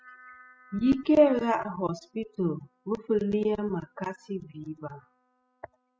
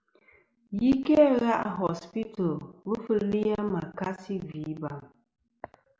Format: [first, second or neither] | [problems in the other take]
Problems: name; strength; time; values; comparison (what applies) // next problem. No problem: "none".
second | noise reduction (classical method spectral subtraction)